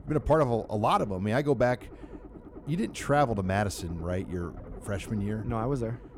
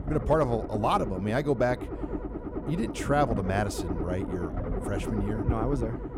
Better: first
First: low rumble; faint; throughout; 20 dB below the speech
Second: low rumble; loud; throughout; 8 dB below the speech

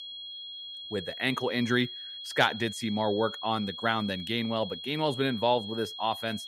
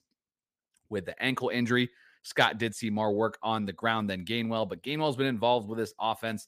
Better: second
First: high-pitched whine; loud; throughout; 3.5 kHz, 9 dB below the speech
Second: none

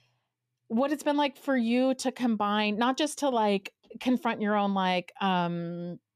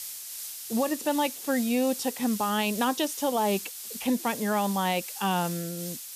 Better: first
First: none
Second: hiss; loud; throughout; 8 dB below the speech

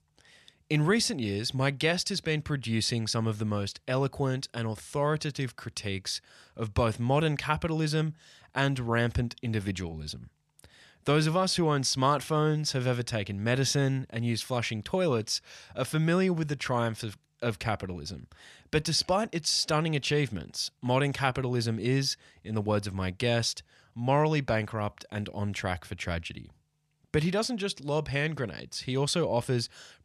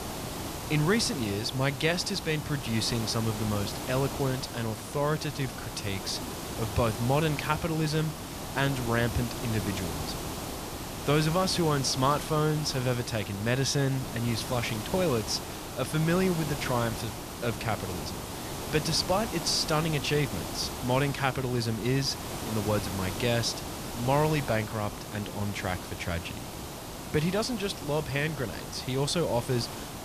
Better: first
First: none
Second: hiss; loud; throughout; 7 dB below the speech

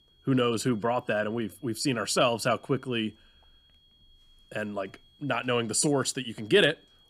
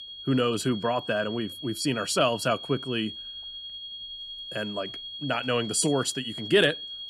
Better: first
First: high-pitched whine; faint; throughout; 3.5 kHz, 35 dB below the speech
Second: high-pitched whine; loud; throughout; 3.5 kHz, 10 dB below the speech

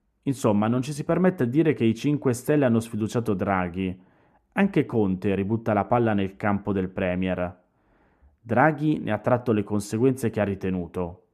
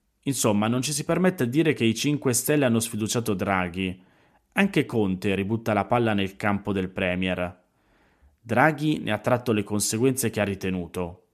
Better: second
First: muffled; slightly; fading above 2.5 kHz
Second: none

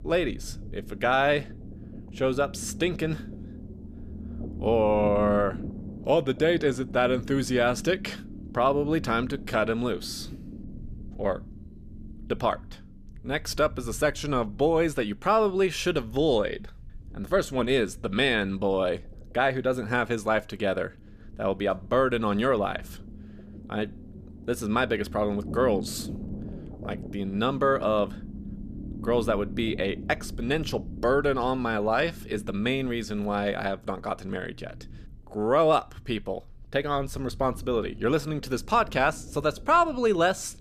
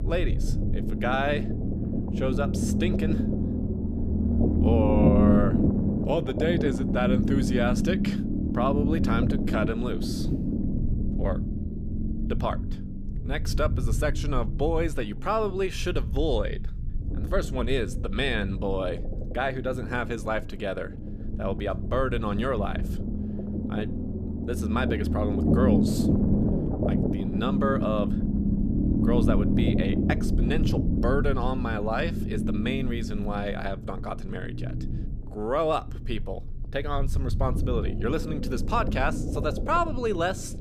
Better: first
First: low rumble; faint; throughout; 20 dB below the speech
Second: low rumble; loud; throughout; 4 dB below the speech

